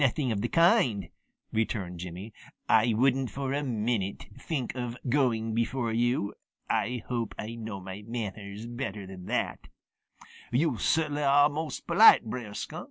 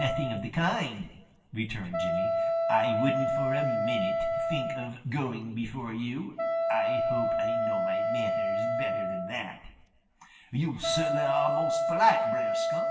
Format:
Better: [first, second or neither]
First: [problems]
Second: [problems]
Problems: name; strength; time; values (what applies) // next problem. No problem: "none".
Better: first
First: none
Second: background sound (Wind instrument, woodwind instrument); 3 dB above the speech // room echo; dies away in 0.9 s